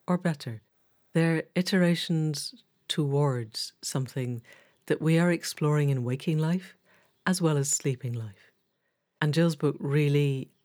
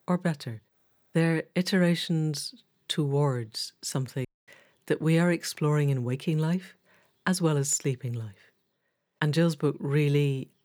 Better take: first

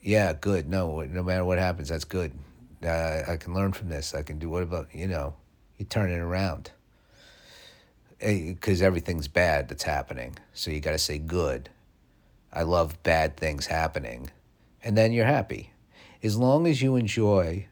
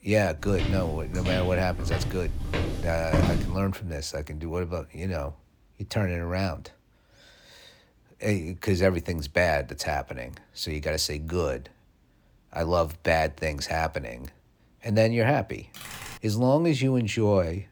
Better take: first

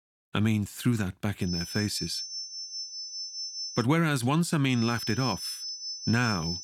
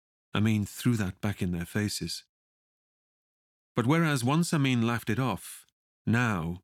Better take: second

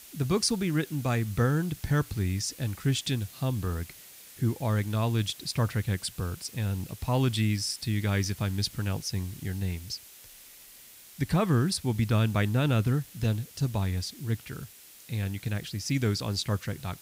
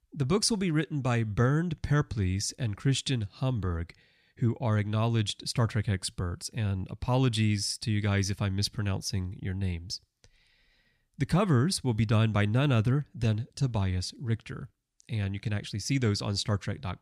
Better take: second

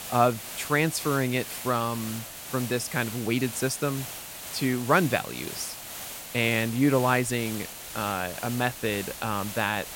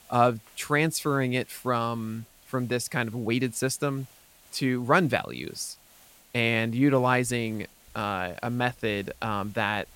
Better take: second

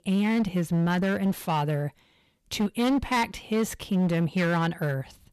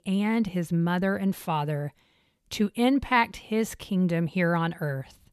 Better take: second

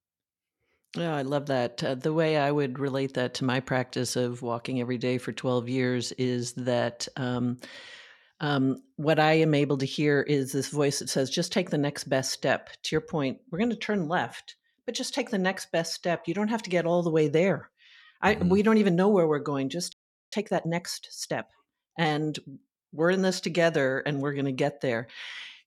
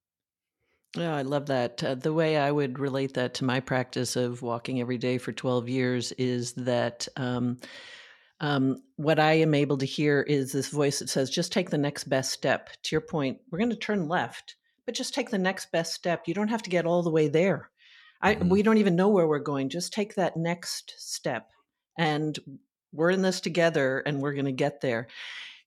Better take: second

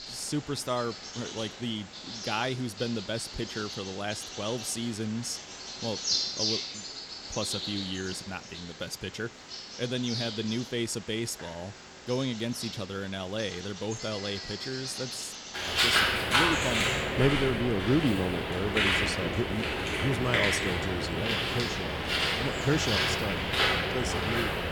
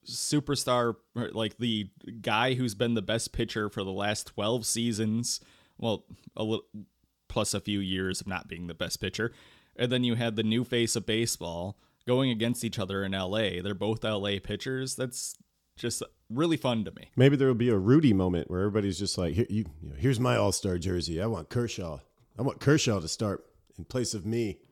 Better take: second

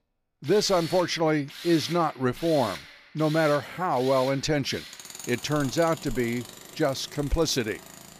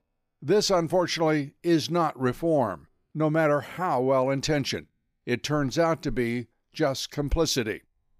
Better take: second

